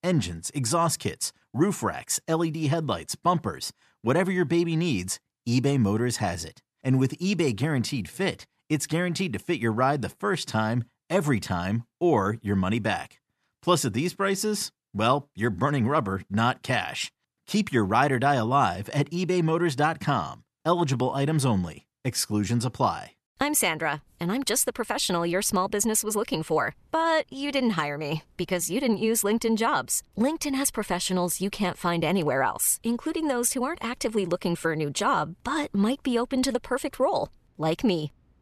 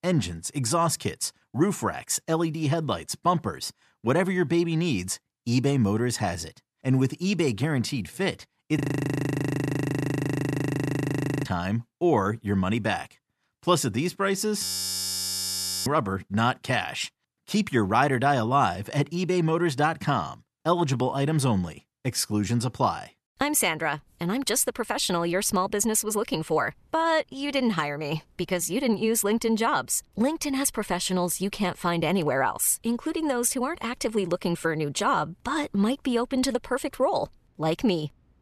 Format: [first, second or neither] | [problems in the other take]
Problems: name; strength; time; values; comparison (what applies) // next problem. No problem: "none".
first | audio freezing; at 9 s for 2.5 s and at 15 s for 1 s